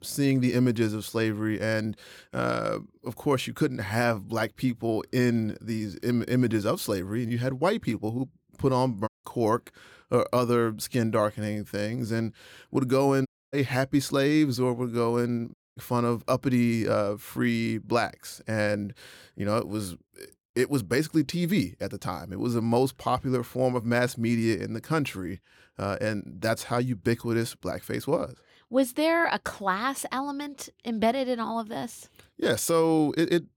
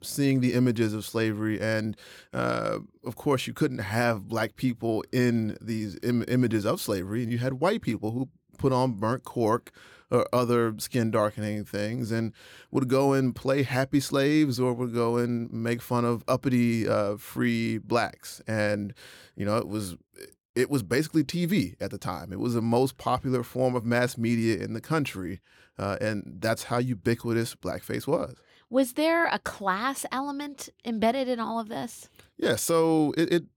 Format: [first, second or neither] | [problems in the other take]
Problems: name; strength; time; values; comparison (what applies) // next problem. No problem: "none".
second | audio cutting out; at 9 s, at 13 s and at 16 s